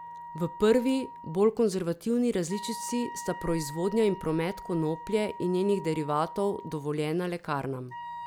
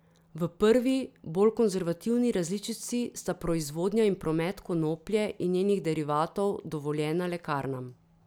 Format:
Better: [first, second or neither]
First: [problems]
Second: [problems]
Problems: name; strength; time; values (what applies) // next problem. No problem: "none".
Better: second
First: background sound (Wind instrument, woodwind instrument); 14 dB below the speech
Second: none